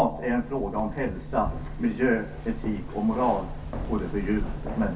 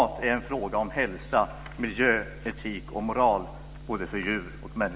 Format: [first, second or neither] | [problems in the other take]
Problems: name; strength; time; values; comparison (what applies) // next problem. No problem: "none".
second | background sound (Keys jangling); 7 dB below the speech // room echo; dies away in 0.3 s